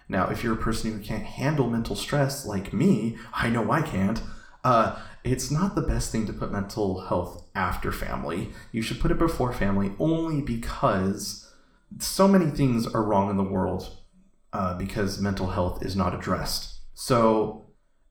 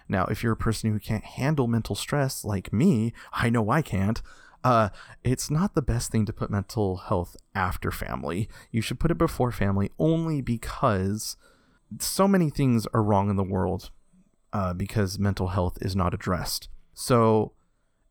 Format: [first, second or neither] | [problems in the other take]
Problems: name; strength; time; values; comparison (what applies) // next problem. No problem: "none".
second | room echo; slight; dies away in 0.5 s